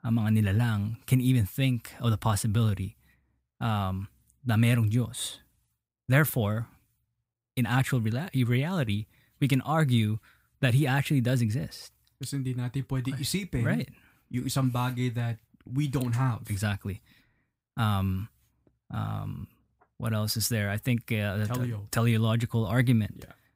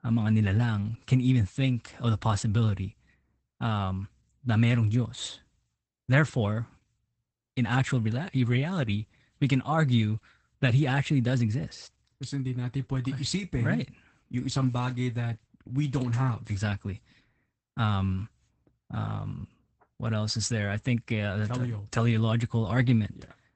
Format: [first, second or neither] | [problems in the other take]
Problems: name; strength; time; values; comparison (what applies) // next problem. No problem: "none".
first | garbled, watery; badly; nothing above 8 kHz